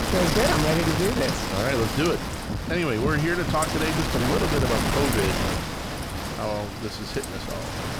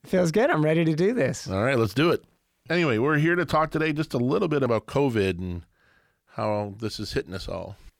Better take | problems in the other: second | wind noise on the microphone; heavy; as loud as the speech

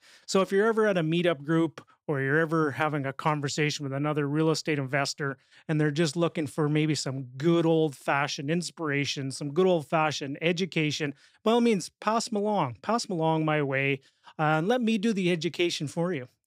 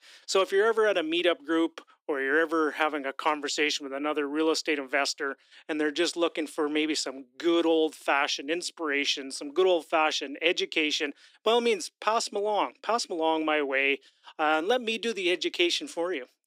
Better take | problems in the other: first | thin; somewhat; fading below 300 Hz

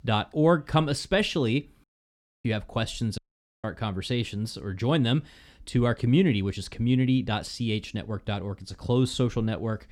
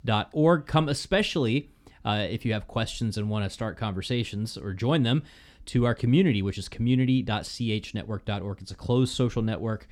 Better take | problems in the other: second | audio cutting out; at 2 s for 0.5 s and at 3 s

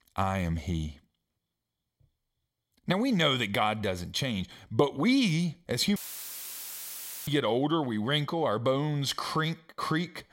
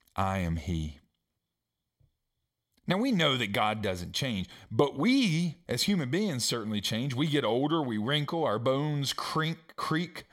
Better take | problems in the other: second | audio cutting out; filled with static; at 6 s for 1.5 s

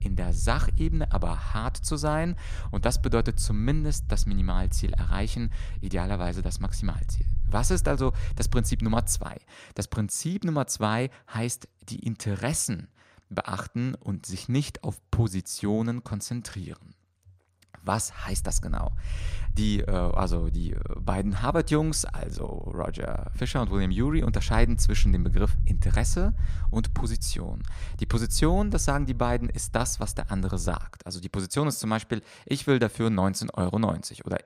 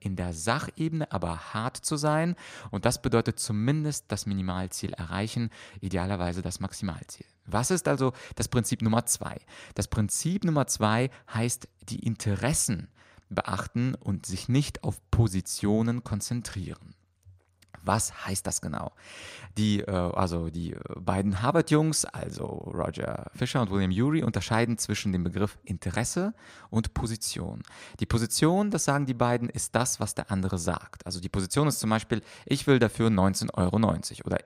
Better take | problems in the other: second | low rumble; noticeable; until 9 s and from 18 to 31 s; 20 dB below the speech

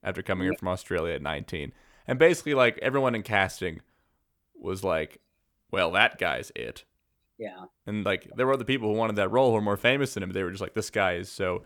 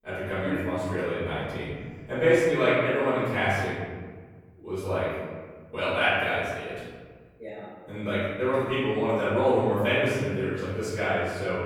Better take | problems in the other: first | off-mic speech; far // room echo; strong; dies away in 1.6 s

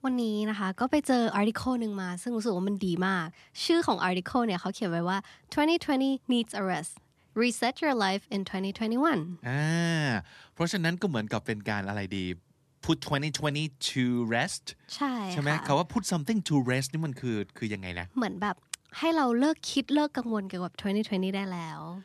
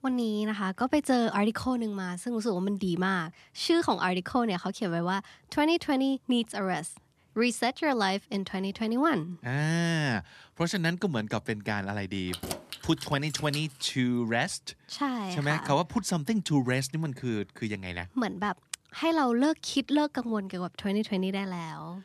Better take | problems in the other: first | jangling keys; noticeable; from 12 to 14 s; peak 7 dB below the speech

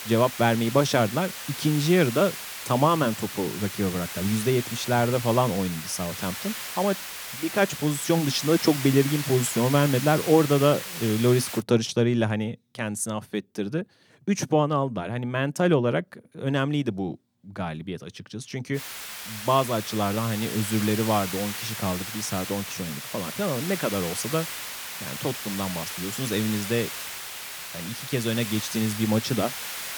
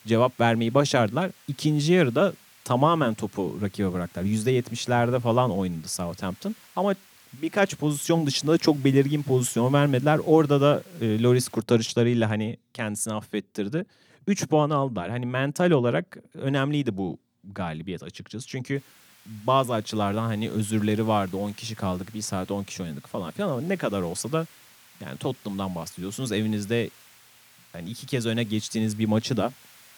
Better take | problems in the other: second | hiss; loud; until 12 s and from 19 s on; 7 dB below the speech; faint in the second

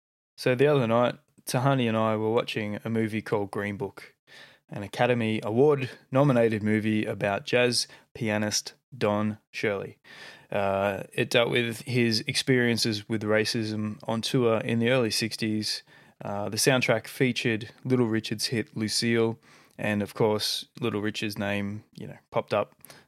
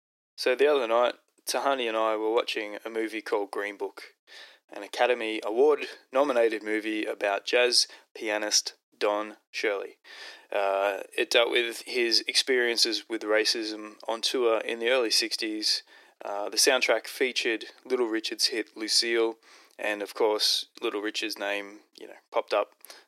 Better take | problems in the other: first | thin; very; fading below 350 Hz

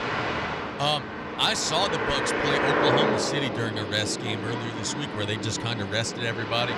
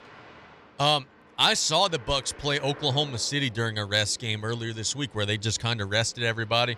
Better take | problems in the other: second | train or aircraft noise; loud; throughout; 1 dB below the speech; faint in the second

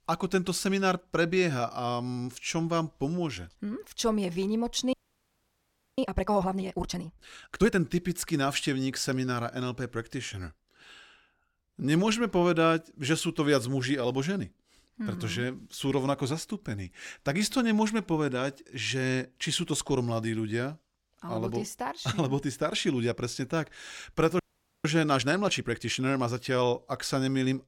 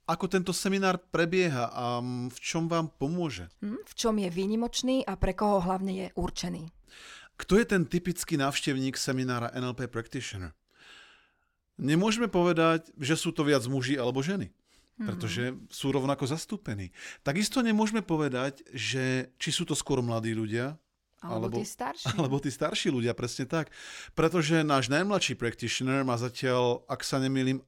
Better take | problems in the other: second | audio freezing; at 5 s for 1 s and at 24 s

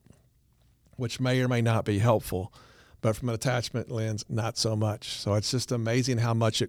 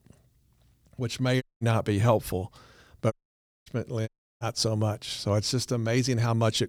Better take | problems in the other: first | audio cutting out; at 1.5 s, at 3 s for 0.5 s and at 4 s

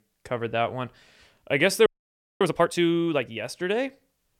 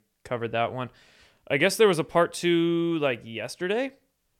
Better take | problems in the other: second | audio freezing; at 2 s for 0.5 s

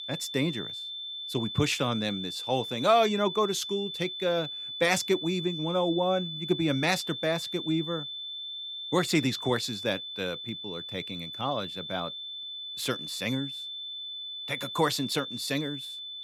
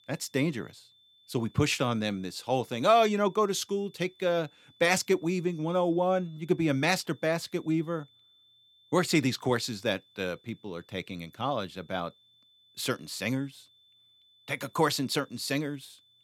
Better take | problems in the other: second | high-pitched whine; loud; throughout; 3.5 kHz, 6 dB below the speech; faint in the second

